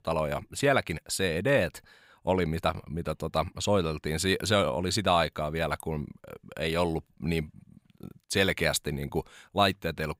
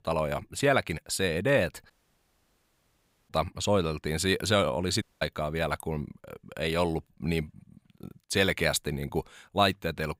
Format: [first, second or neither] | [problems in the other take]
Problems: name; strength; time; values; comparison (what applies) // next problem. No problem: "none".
first | audio cutting out; at 2 s for 1.5 s and at 5 s